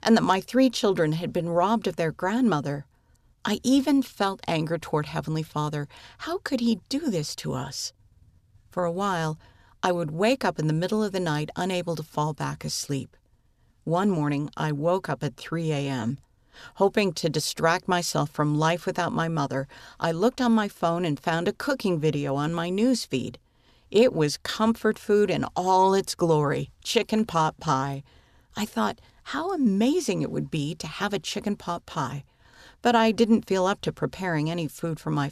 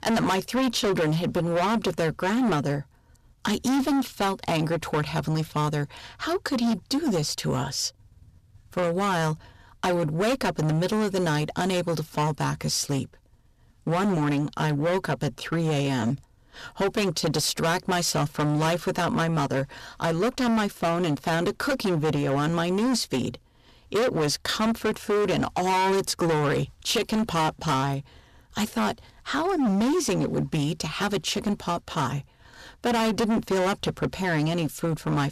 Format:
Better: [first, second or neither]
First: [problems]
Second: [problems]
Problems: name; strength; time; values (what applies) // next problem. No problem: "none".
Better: first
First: none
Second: distortion; heavy; 19% of the sound clipped